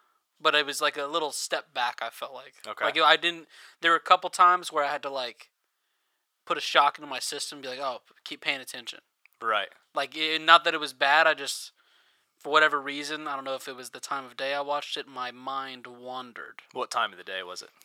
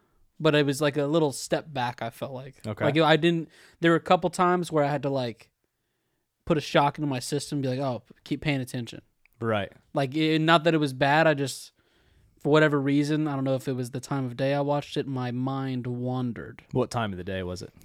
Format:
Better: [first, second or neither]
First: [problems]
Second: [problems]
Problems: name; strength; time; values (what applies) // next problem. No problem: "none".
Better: second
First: thin; very; fading below 750 Hz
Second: none